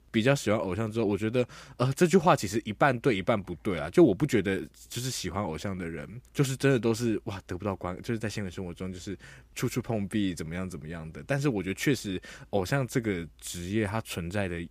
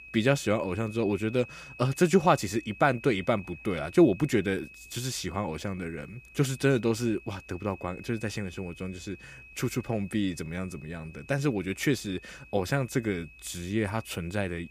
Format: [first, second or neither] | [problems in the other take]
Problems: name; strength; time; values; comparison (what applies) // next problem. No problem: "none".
first | high-pitched whine; noticeable; throughout; 2.5 kHz, 20 dB below the speech